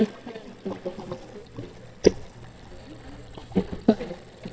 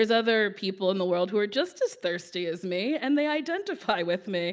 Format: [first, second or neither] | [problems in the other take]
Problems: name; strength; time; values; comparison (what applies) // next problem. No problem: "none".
second | noise reduction (neural mask model DeepFilterNet 3)